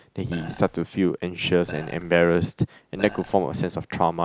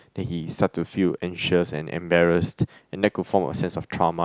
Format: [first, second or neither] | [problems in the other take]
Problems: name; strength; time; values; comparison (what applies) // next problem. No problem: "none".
second | background sound (Burping, eructation); 16 dB below the speech